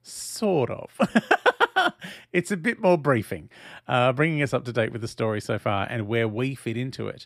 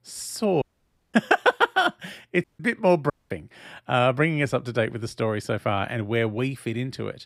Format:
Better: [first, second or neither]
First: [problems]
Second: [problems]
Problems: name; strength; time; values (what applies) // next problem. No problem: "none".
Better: first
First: none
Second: audio cutting out; at 0.5 s for 0.5 s, at 2.5 s and at 3 s